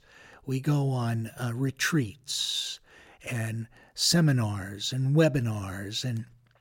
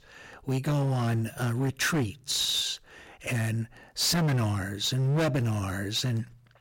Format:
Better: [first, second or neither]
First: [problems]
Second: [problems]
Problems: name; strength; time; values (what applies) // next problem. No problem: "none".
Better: first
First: none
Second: distortion; heavy; 17% of the sound clipped